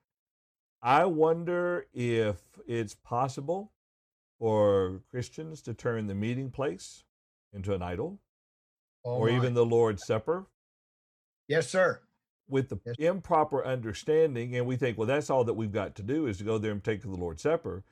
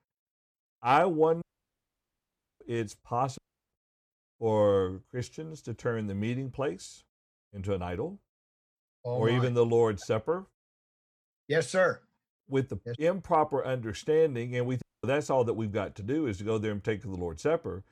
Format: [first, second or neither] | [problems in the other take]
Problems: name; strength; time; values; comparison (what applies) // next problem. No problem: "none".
first | audio cutting out; at 1.5 s for 1 s, at 3.5 s and at 15 s